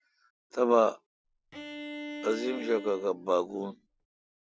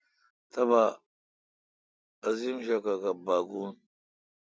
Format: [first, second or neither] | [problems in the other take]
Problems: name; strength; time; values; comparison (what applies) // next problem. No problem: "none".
second | background sound (Bowed string instrument); 11 dB below the speech